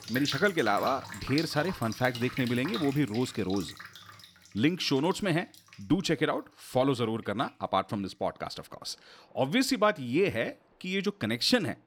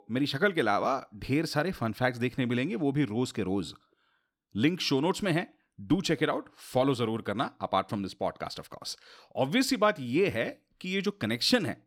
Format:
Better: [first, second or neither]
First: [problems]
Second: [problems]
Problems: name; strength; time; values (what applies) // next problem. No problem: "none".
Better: second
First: rain or running water; noticeable; throughout; 10 dB below the speech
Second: none